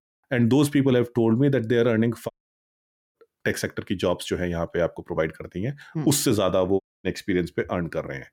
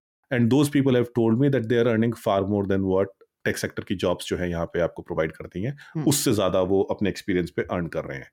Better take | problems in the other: second | audio cutting out; at 2.5 s for 1 s and at 7 s

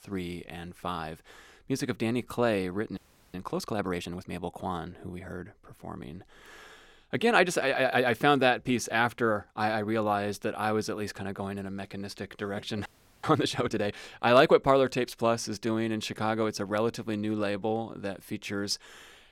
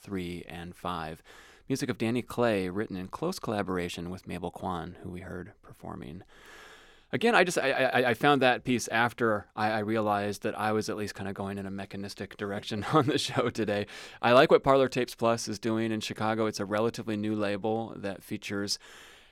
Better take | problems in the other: second | audio freezing; at 3 s and at 13 s

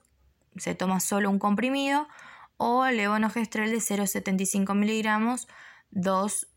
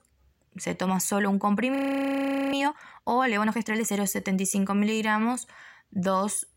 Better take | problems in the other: first | audio freezing; at 2 s for 1 s

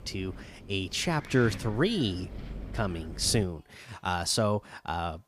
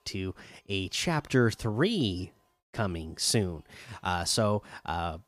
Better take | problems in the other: second | wind noise on the microphone; occasional gusts; until 3.5 s; 15 dB below the speech

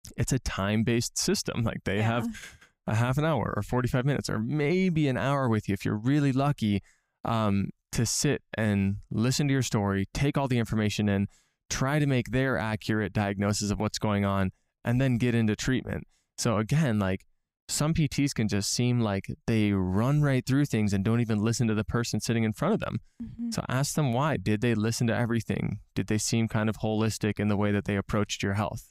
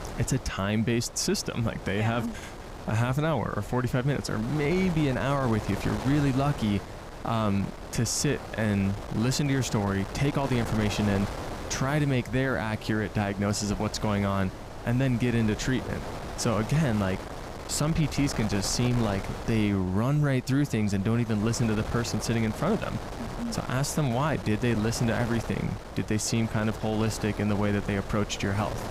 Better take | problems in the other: first | wind noise on the microphone; heavy; 8 dB below the speech

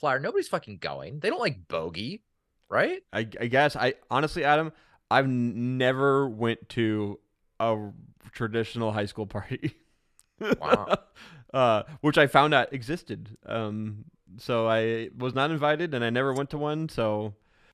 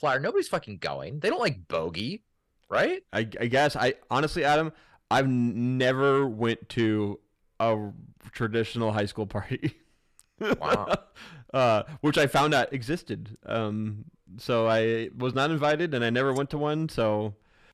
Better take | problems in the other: first | distortion; slight; 10 dB below the speech

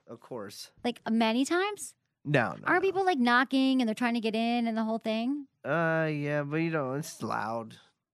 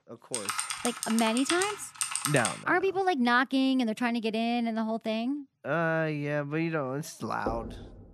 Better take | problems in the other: first | keyboard typing; noticeable; until 2.5 s; peak 1 dB below the speech // door banging; noticeable; at 7.5 s; peak 8 dB below the speech

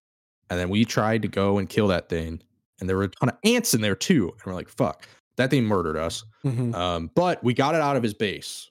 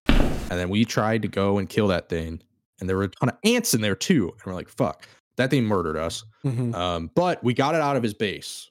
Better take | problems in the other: first | footsteps; loud; at the start; peak 1 dB above the speech

